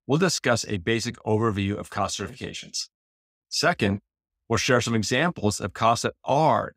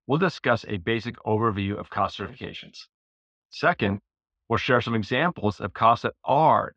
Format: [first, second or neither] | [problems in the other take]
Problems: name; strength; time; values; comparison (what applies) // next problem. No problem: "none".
first | muffled; very; fading above 3.5 kHz